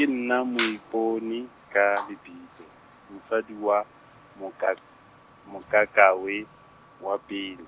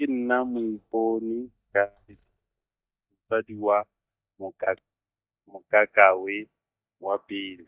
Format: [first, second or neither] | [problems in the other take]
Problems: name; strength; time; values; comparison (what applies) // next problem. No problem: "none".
first | noise reduction (neural mask model DeepFilterNet 3)